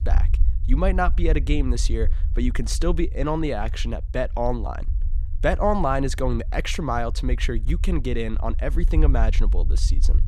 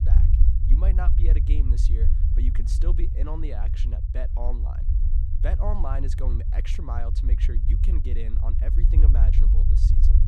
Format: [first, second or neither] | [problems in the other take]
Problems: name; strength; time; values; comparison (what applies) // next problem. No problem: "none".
first | low rumble; loud; throughout; 3 dB below the speech; faint in the first